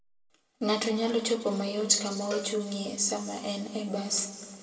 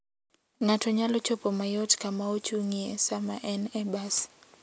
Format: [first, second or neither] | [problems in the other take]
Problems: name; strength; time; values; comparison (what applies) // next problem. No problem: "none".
second | background sound (Cowbell); 16 dB below the speech // room echo; dies away in 1.8 s